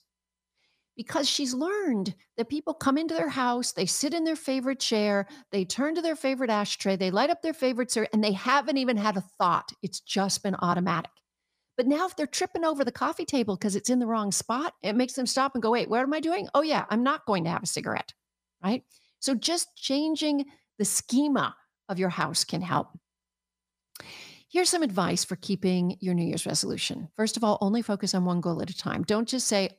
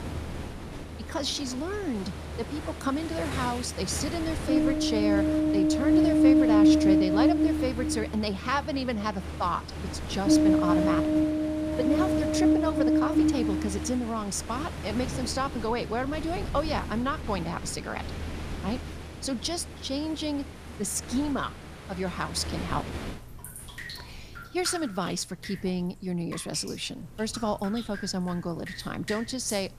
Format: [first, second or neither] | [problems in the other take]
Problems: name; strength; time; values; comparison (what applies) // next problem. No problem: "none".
first | rain or running water; very loud; throughout; 4 dB above the speech